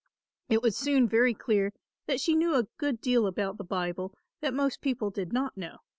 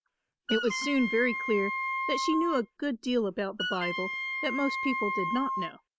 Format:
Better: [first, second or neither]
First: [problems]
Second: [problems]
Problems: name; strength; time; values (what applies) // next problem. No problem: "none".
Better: first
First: none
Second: background sound (Wind instrument, woodwind instrument); 3 dB below the speech